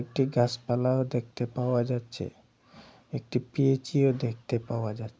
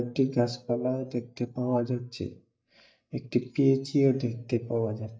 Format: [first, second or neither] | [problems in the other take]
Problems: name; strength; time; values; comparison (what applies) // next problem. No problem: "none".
first | noise reduction (neural mask model DeepFilterNet 3)